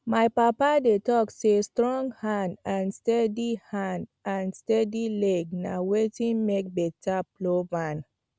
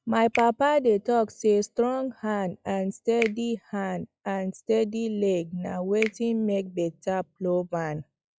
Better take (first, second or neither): first